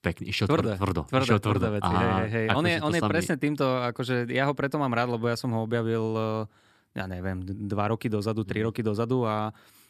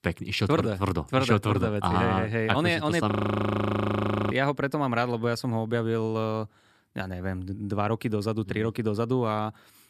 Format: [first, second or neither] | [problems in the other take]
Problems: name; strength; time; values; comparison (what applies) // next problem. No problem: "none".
first | audio freezing; at 3 s for 1 s